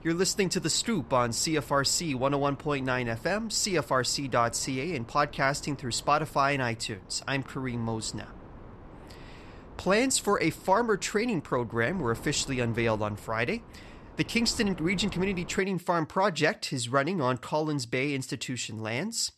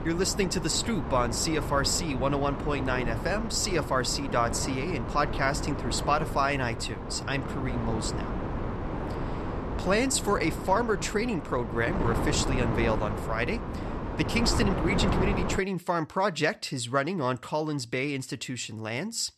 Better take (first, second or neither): first